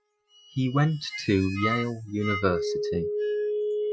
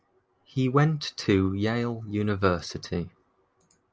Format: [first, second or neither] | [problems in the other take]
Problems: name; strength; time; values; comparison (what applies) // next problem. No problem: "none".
second | noise reduction (classical method Wiener filter)